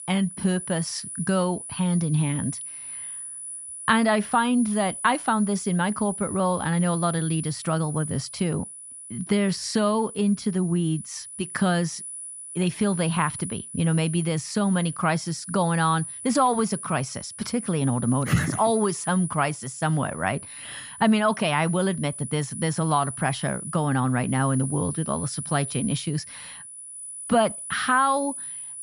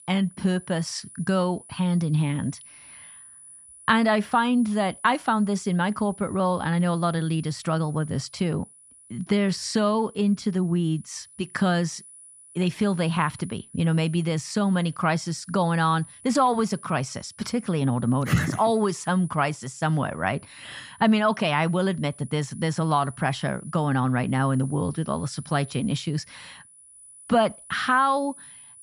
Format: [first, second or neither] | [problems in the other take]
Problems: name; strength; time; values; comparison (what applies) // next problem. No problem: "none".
second | high-pitched whine; loud; throughout; 10 kHz, 10 dB below the speech; faint in the second